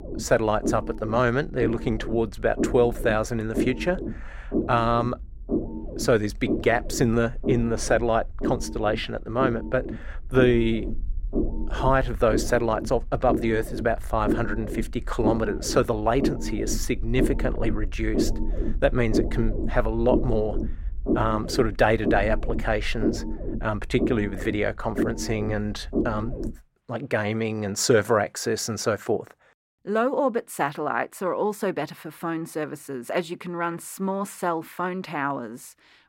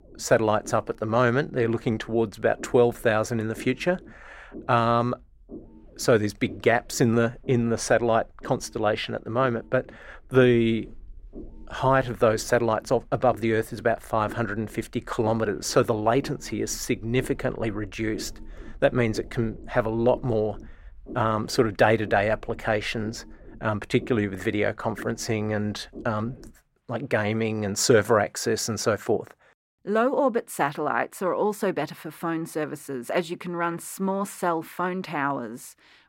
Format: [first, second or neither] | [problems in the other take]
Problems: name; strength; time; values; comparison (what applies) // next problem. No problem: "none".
second | low rumble; loud; until 27 s; 9 dB below the speech; faint in the second